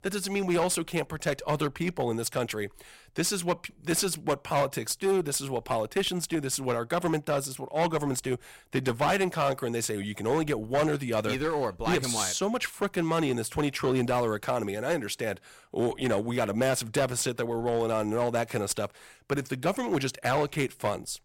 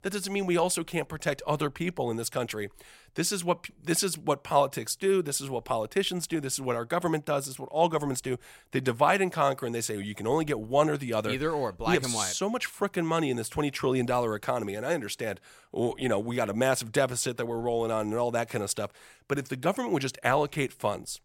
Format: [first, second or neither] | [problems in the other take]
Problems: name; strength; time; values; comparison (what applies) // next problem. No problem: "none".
second | distortion; slight; 7% of the sound clipped